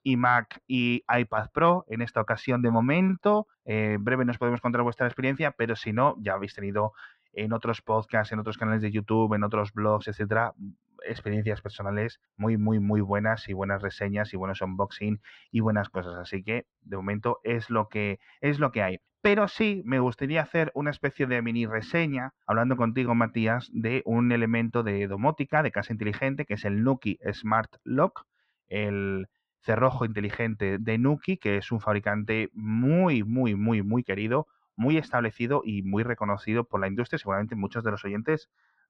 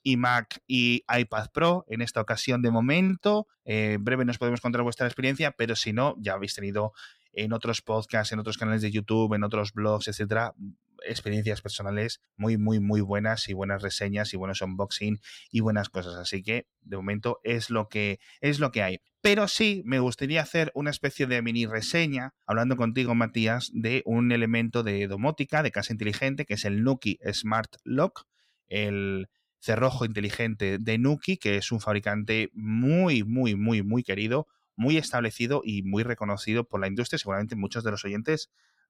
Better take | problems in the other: second | muffled; very; fading above 2 kHz

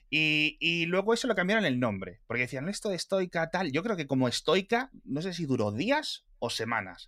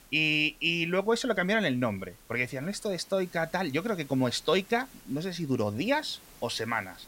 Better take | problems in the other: first | hiss; faint; throughout; 25 dB below the speech

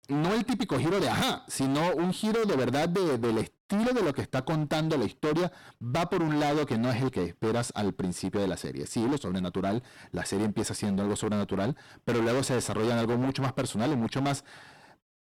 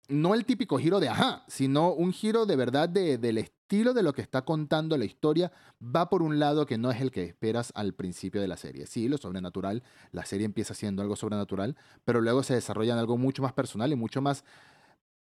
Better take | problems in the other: second | distortion; heavy; 27% of the sound clipped

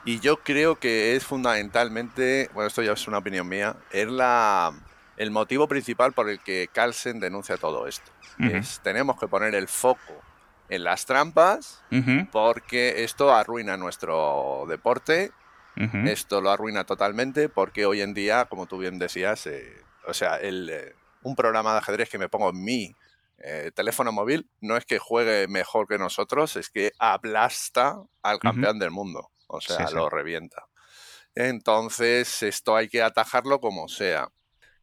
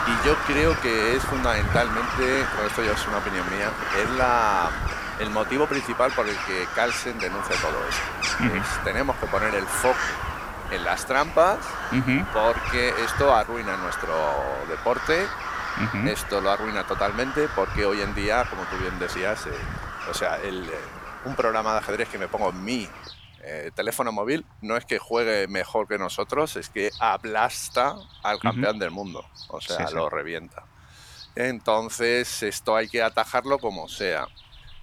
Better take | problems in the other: first | animal sounds; loud; throughout; 4 dB below the speech; faint in the first

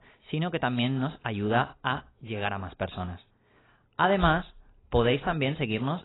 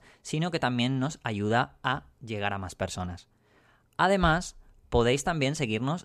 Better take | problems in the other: second | garbled, watery; badly; nothing above 4 kHz

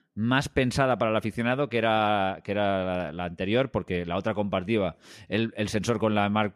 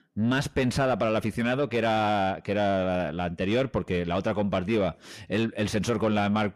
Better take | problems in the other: first | distortion; slight; 10 dB below the speech

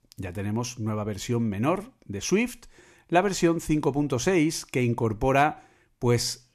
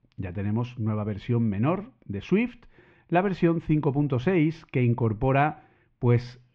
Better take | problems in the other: first | muffled; very; fading above 3 kHz

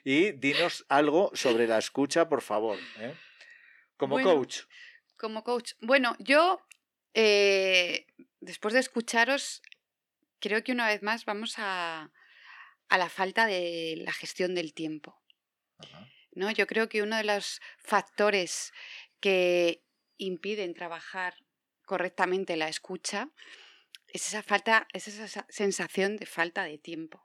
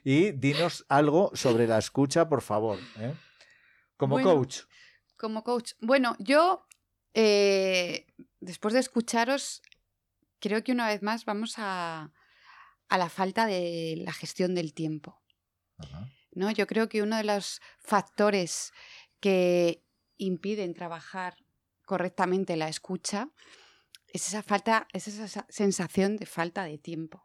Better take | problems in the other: second | thin; very slightly; fading below 300 Hz

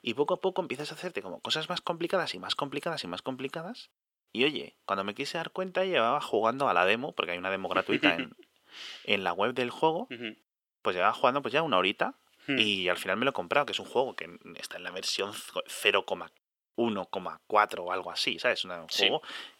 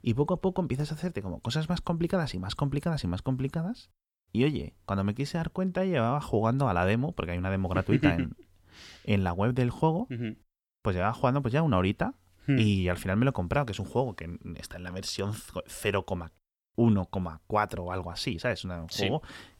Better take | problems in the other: second | thin; somewhat; fading below 400 Hz

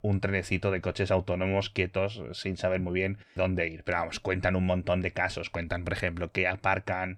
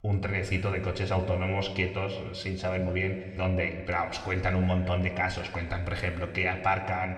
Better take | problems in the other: first | room echo; slight; dies away in 1.6 s

